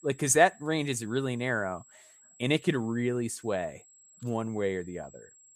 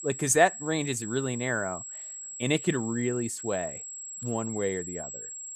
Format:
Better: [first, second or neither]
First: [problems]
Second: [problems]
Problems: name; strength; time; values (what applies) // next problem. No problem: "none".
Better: first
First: high-pitched whine; faint; throughout; 7.5 kHz, 25 dB below the speech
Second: high-pitched whine; loud; throughout; 7.5 kHz, 9 dB below the speech